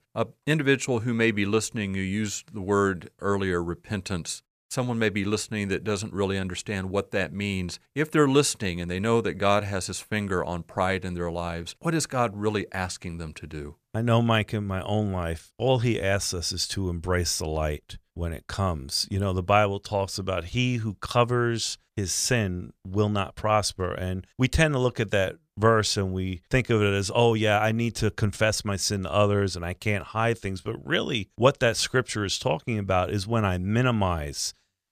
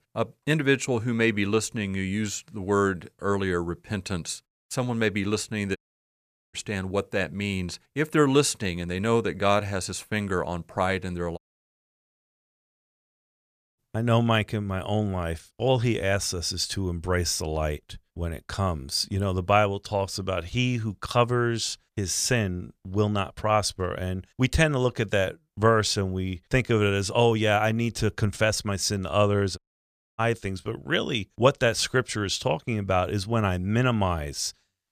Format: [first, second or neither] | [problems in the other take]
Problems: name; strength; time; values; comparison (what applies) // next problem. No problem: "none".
first | audio cutting out; at 6 s for 1 s, at 11 s for 2.5 s and at 30 s for 0.5 s